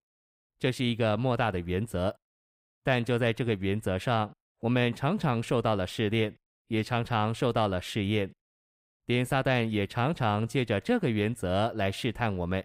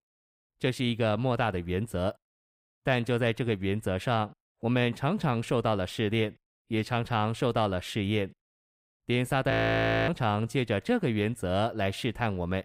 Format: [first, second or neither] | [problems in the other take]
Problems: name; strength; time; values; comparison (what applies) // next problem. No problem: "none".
first | audio freezing; at 9.5 s for 0.5 s